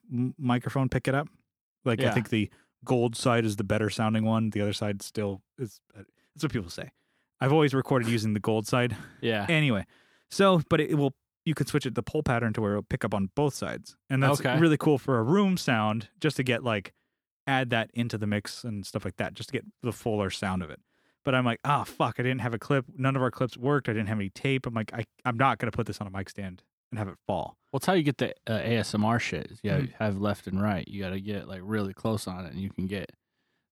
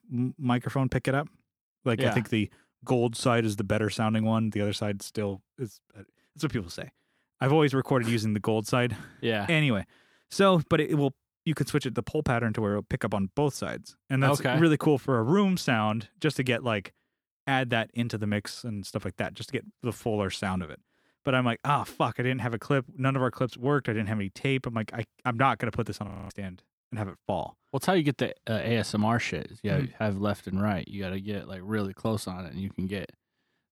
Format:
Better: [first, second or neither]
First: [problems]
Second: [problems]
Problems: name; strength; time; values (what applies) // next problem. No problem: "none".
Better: first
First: none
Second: audio freezing; at 26 s